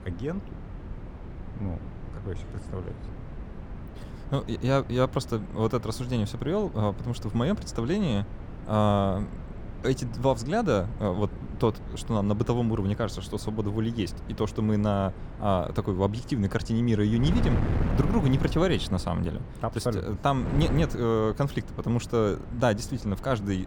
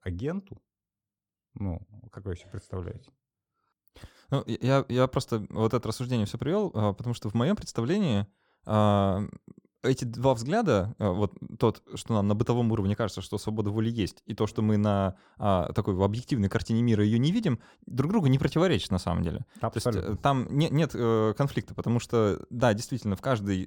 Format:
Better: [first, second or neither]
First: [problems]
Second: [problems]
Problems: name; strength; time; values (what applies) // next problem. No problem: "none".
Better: second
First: wind noise on the microphone; occasional gusts; 15 dB below the speech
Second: none